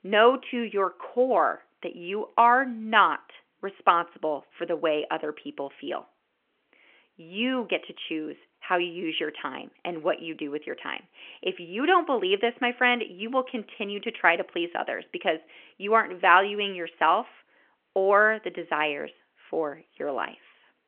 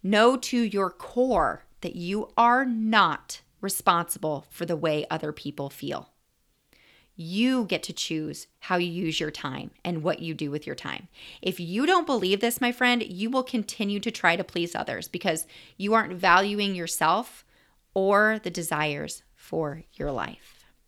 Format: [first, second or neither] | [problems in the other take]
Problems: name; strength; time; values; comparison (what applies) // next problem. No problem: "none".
second | phone-call audio; nothing above 3 kHz